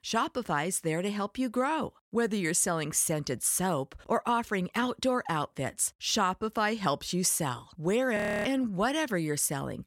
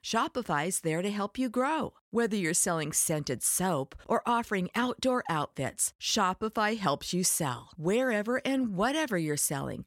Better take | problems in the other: second | audio freezing; at 8 s

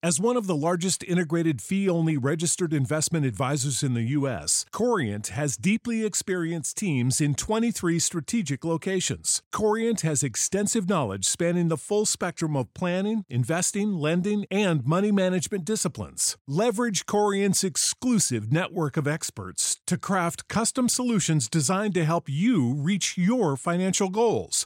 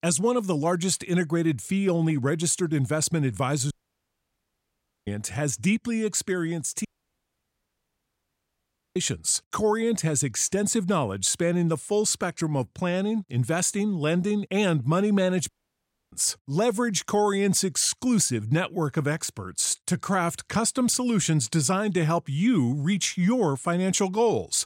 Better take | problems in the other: first | audio cutting out; at 3.5 s for 1.5 s, at 7 s for 2 s and at 15 s for 0.5 s

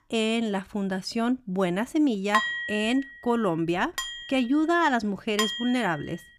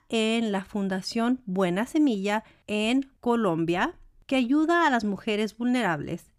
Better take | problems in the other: second | clattering dishes; loud; from 2.5 to 5.5 s; peak 1 dB above the speech

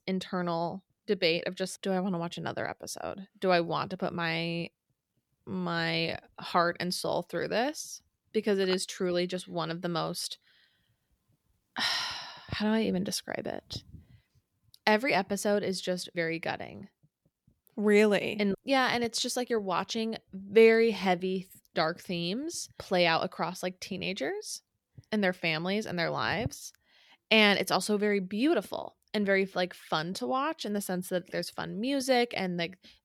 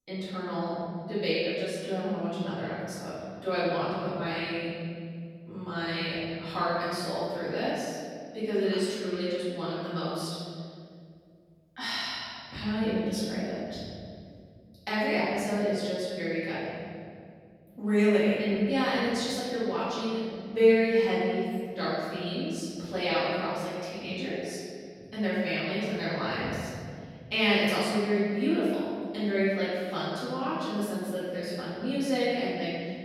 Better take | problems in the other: first | off-mic speech; far // room echo; strong; dies away in 2.3 s

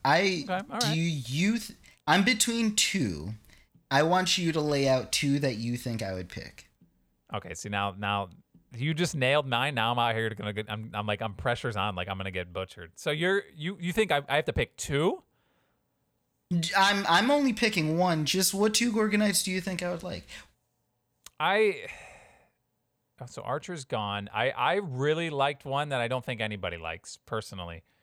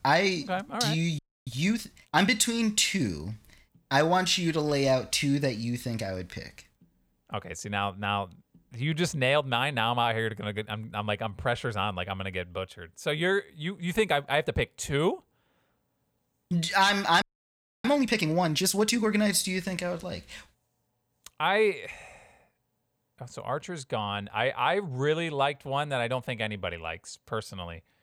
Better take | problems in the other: first | audio freezing; at 1 s and at 17 s for 0.5 s

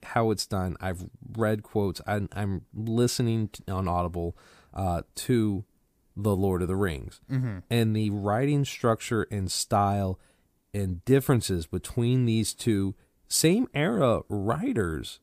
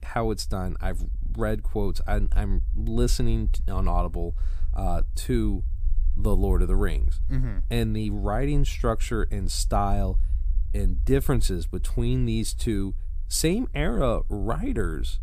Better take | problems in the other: first | low rumble; faint; throughout; 25 dB below the speech

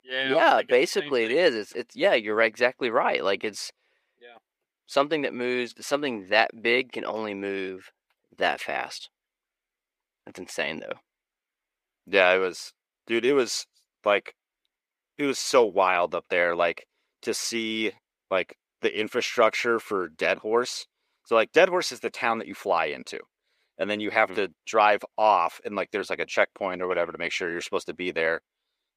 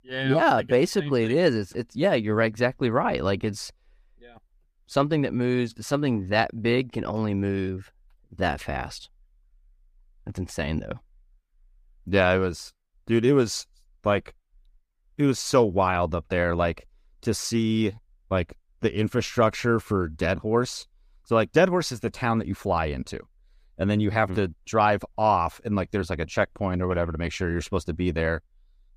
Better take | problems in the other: second | thin; somewhat; fading below 450 Hz

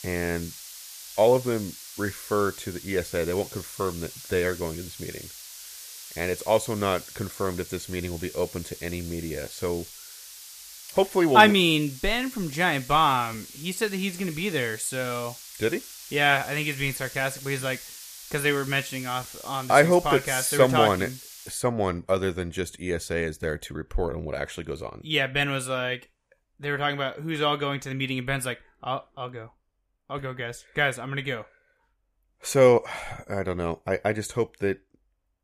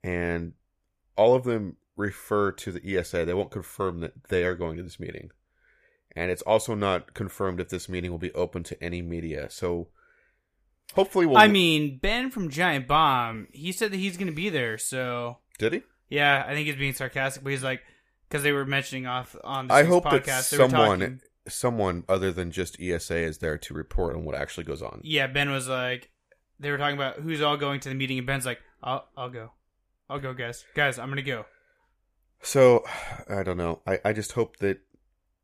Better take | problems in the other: second | hiss; noticeable; until 22 s; 15 dB below the speech

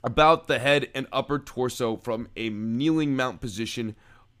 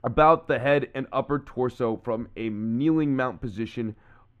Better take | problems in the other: first | muffled; very; fading above 3 kHz

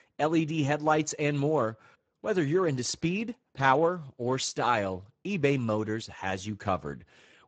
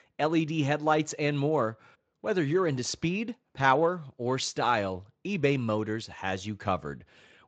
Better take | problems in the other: second | garbled, watery; badly; nothing above 7.5 kHz; slightly in the second

